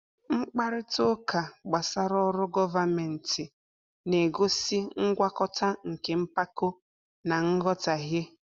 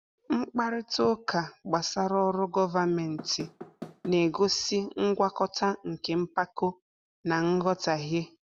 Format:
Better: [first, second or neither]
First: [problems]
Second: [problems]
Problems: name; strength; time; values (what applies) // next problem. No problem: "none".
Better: first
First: none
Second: background sound (Knock / Wood); 15 dB below the speech